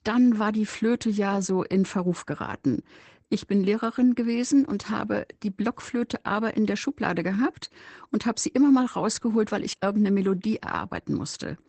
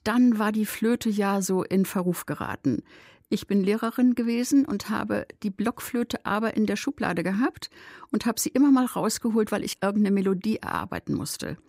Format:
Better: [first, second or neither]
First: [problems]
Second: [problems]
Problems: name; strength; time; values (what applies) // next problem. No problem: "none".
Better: second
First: garbled, watery; badly; nothing above 8 kHz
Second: none